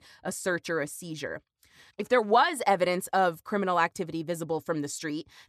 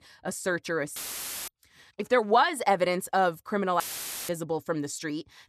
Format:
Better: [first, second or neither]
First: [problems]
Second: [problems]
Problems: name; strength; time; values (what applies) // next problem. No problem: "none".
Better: first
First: none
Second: audio cutting out; filled with static; at 1 s for 0.5 s and at 4 s